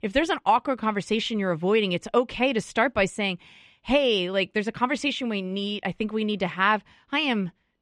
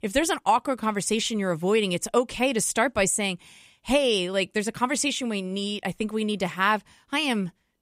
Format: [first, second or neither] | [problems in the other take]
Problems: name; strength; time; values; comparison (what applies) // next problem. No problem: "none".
second | muffled; slightly; fading above 3 kHz